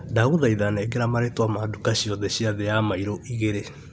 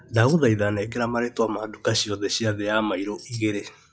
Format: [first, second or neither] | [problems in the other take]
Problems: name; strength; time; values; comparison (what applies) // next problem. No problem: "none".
first | noise reduction (classical method log-MMSE)